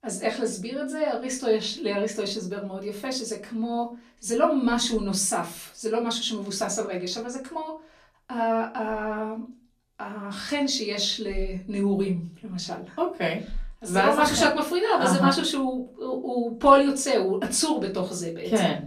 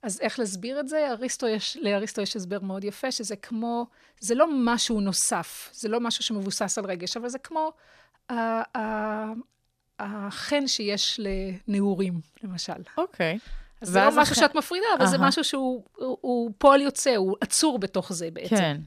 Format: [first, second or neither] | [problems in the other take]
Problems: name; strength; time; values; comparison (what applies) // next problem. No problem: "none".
second | off-mic speech; far // room echo; very slight; dies away in 0.3 s